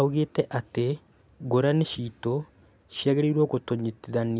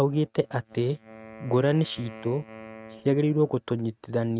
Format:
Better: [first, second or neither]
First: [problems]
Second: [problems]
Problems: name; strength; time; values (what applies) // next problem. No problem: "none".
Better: first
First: none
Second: noise reduction (neural mask model RNNoise)